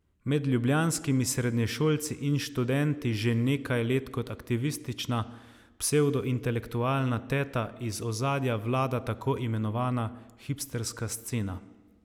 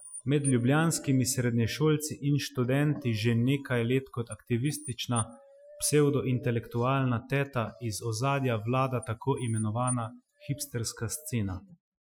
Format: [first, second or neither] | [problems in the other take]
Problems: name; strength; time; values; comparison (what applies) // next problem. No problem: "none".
first | noise reduction (classical method Wiener filter)